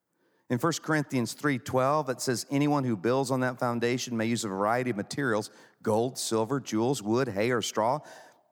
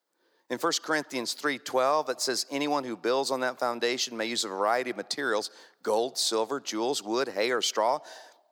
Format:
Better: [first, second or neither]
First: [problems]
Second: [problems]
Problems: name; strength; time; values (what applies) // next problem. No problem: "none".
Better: first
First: none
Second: thin; somewhat; fading below 450 Hz